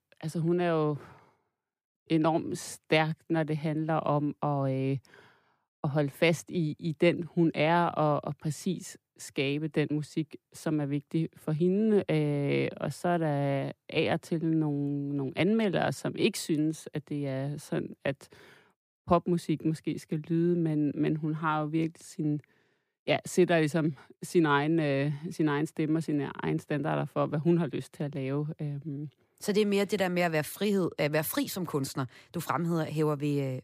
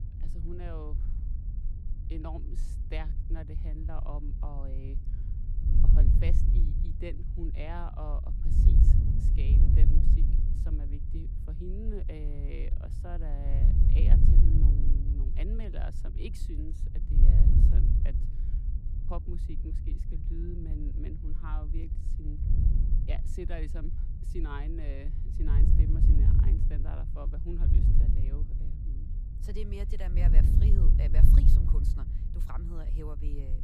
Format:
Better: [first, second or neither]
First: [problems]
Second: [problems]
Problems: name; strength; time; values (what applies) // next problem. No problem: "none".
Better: first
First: none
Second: wind noise on the microphone; heavy; as loud as the speech